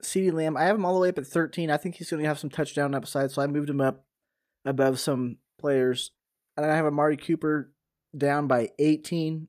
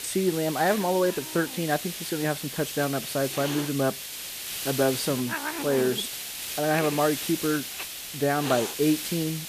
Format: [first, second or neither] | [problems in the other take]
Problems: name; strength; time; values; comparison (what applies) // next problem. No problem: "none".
first | hiss; loud; throughout; 5 dB below the speech